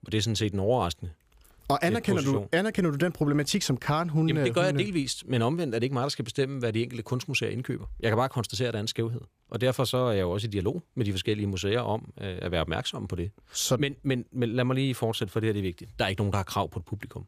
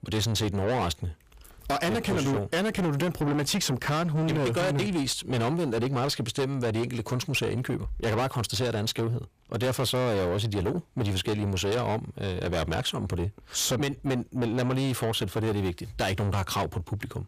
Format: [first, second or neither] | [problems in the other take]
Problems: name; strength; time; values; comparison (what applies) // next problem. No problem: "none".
first | distortion; heavy; 7 dB below the speech